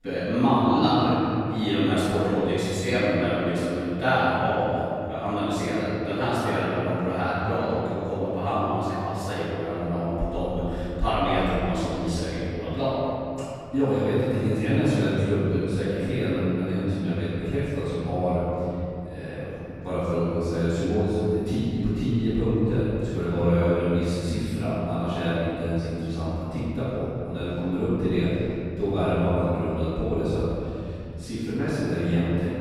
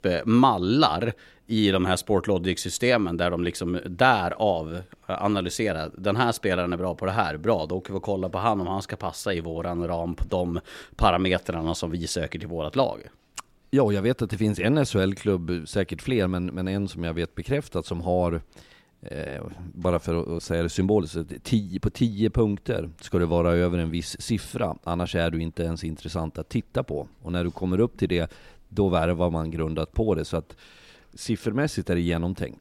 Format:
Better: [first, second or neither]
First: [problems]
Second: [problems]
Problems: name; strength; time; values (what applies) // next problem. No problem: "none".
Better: second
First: off-mic speech; far // room echo; strong; dies away in 2.9 s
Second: none